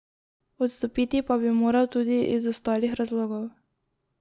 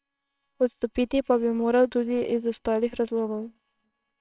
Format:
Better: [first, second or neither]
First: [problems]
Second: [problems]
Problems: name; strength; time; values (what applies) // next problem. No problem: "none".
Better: first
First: none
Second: noise reduction (neural separator model SepFormer WHAMR!)